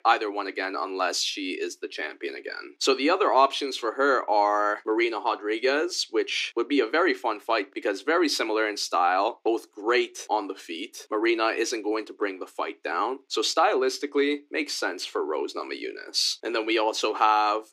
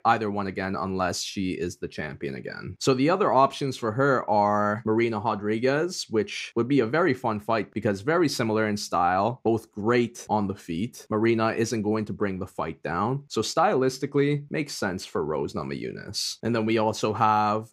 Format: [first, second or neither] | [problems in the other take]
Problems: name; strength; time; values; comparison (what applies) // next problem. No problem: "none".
second | thin; somewhat; fading below 300 Hz